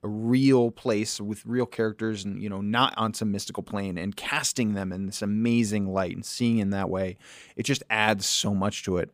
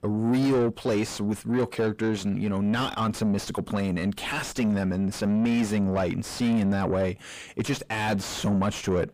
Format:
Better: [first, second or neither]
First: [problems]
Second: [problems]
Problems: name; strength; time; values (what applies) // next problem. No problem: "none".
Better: first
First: none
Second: distortion; heavy; 5 dB below the speech